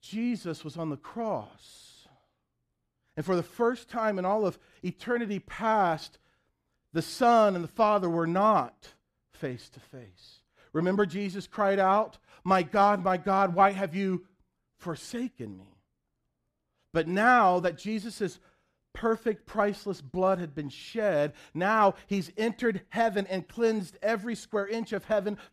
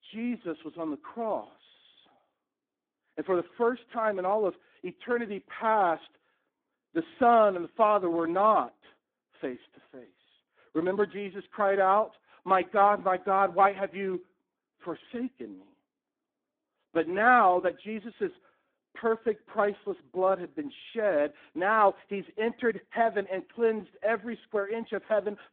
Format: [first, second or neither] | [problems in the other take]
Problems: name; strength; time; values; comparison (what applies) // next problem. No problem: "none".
first | phone-call audio; poor line; nothing above 3.5 kHz